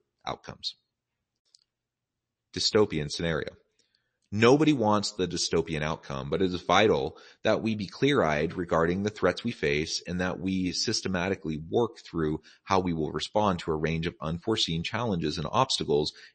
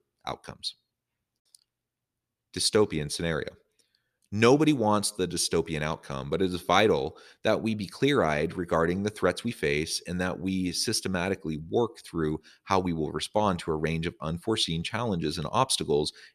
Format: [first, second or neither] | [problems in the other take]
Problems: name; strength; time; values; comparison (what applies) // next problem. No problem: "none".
second | garbled, watery; slightly; nothing above 8 kHz